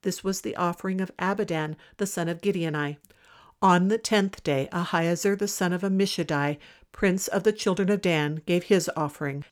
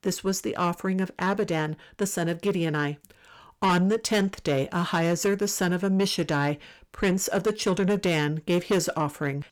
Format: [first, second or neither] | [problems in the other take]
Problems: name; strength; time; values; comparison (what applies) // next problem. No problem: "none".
first | distortion; slight; 10 dB below the speech